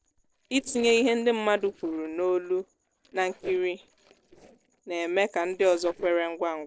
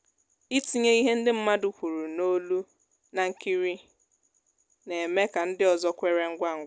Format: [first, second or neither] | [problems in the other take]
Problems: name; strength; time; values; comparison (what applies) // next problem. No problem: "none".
second | noise reduction (neural separator model SepFormer DNS4)